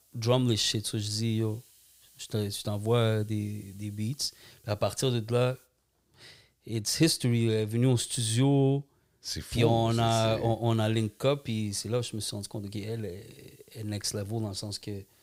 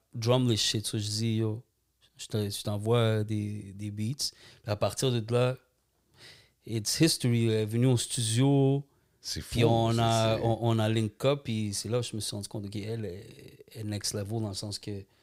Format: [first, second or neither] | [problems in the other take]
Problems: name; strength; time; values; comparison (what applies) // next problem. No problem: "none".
second | hiss; faint; until 5.5 s and from 9.5 s on; 30 dB below the speech